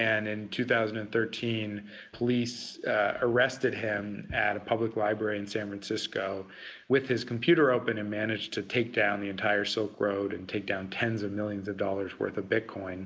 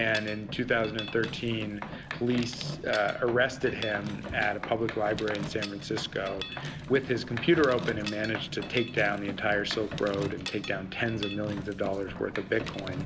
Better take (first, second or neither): first